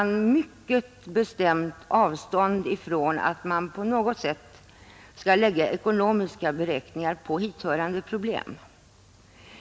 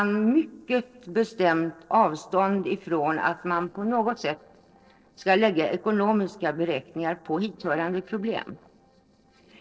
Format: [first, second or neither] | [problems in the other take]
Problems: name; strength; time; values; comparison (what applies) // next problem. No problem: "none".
first | noise reduction (neural separator model SepFormer DNS4)